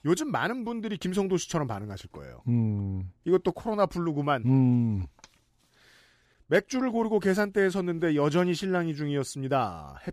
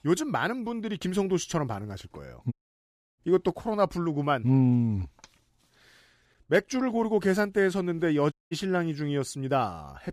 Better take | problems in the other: first | audio cutting out; at 2.5 s for 0.5 s and at 8.5 s

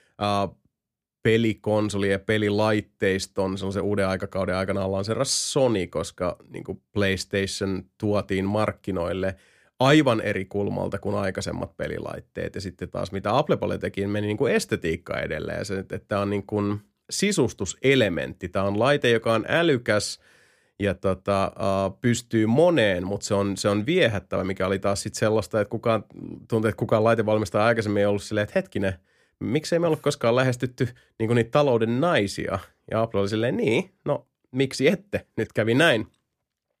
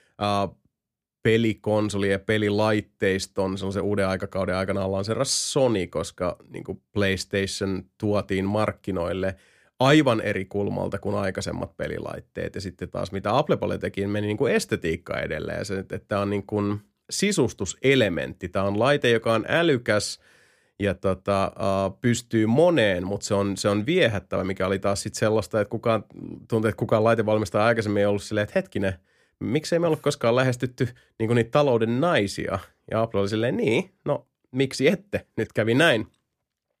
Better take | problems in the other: neither | none

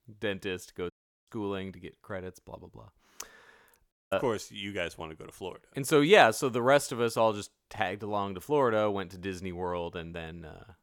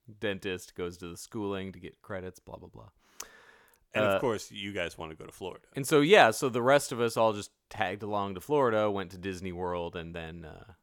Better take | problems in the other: second | audio cutting out; at 1 s and at 4 s

